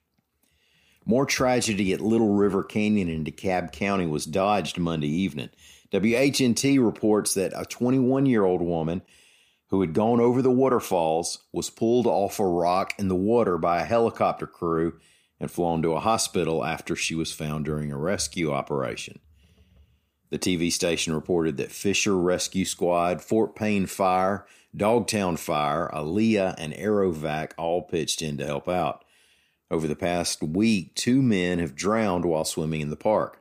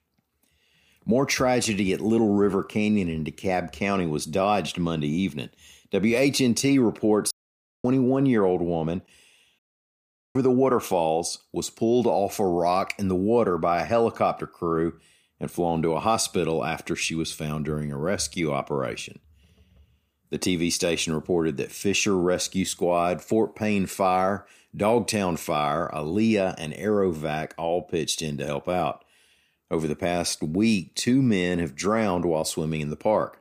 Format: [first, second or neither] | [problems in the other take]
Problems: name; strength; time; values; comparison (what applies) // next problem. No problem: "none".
first | audio cutting out; at 7.5 s for 0.5 s and at 9.5 s for 1 s